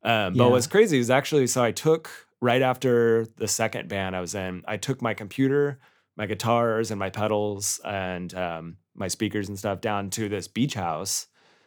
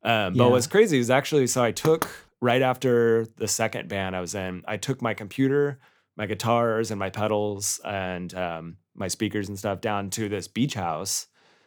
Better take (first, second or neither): first